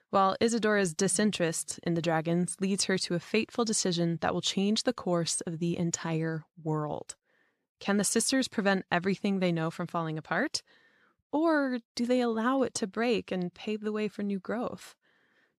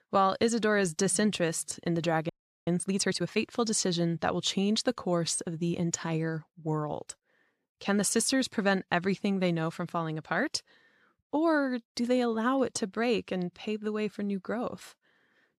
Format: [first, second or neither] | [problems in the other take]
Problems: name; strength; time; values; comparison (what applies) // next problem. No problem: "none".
first | audio freezing; at 2.5 s